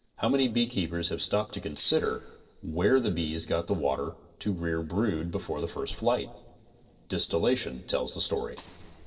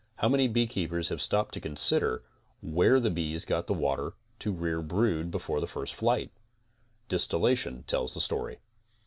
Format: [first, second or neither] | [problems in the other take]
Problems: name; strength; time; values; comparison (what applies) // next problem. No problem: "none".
second | noise reduction (neural separator model SepFormer DNS4)